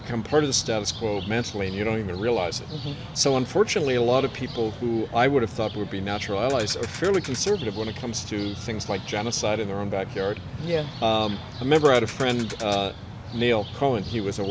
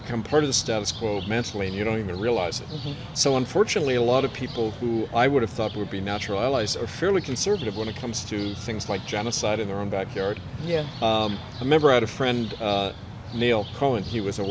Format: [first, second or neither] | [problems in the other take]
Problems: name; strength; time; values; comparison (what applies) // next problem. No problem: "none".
second | background sound (Ratchet, pawl); 16 dB below the speech